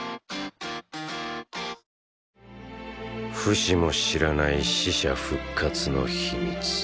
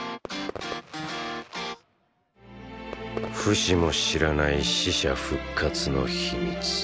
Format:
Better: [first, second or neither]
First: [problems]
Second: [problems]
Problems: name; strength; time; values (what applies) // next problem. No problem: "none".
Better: first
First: none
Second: background sound (Fireworks); 16 dB below the speech